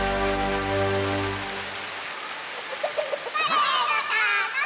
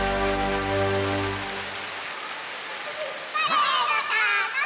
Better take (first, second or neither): second